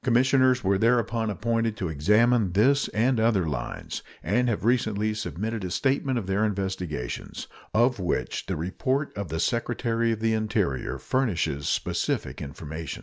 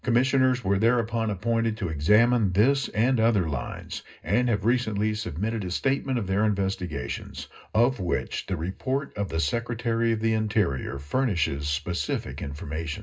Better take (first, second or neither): first